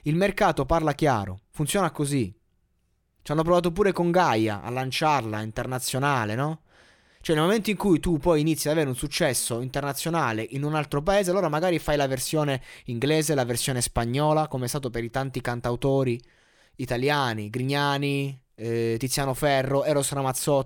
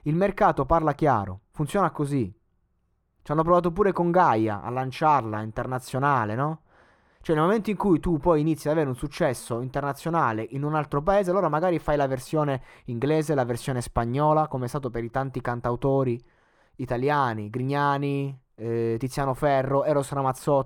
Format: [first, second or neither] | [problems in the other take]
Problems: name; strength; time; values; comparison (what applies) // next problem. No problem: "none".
first | muffled; slightly; fading above 2 kHz